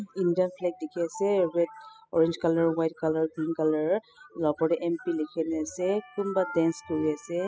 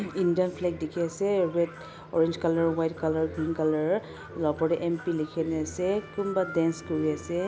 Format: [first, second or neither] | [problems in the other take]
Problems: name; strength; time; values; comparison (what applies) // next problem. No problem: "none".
second | noise reduction (classical method spectral subtraction)